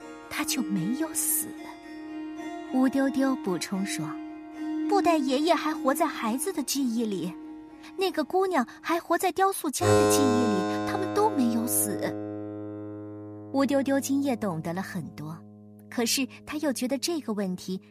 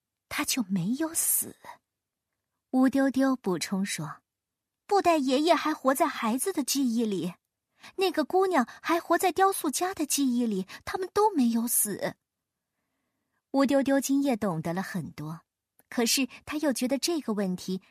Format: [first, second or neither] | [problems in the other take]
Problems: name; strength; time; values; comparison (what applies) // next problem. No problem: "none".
second | background music; loud; throughout; 4 dB below the speech